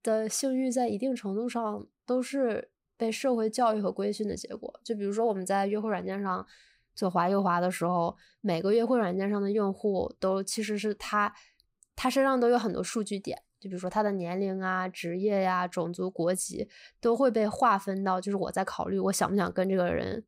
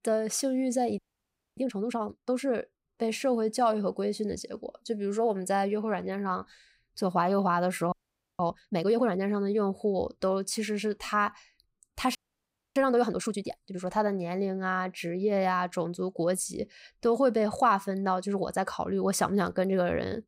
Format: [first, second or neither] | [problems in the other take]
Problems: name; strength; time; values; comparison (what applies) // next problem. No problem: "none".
first | audio freezing; at 1 s for 0.5 s, at 8 s and at 12 s for 0.5 s